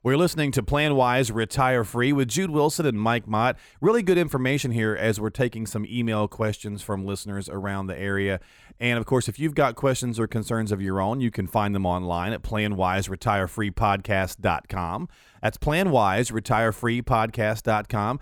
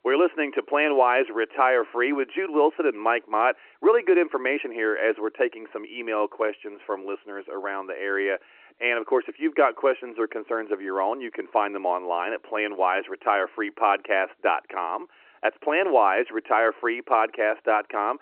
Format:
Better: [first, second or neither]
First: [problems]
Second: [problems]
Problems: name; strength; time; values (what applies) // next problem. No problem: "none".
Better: first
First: none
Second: phone-call audio